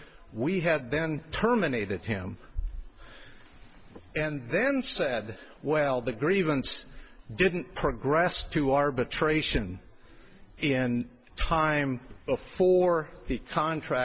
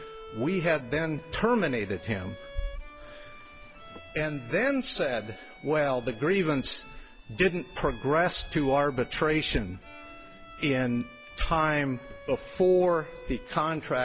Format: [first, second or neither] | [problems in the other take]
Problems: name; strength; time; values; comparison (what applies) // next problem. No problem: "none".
first | background sound (Bowed string instrument); 19 dB below the speech